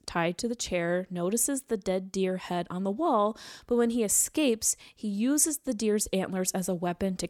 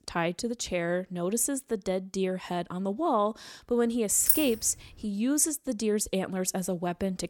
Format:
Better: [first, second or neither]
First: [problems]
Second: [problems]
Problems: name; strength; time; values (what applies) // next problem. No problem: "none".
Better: first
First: none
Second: jangling keys; loud; at 4.5 s; peak 5 dB above the speech